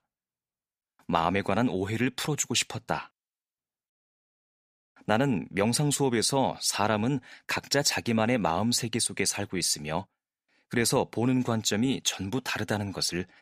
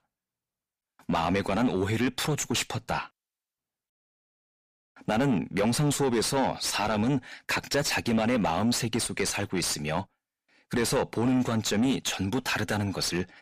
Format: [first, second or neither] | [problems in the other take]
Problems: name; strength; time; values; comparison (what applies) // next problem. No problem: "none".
first | distortion; heavy; 6 dB below the speech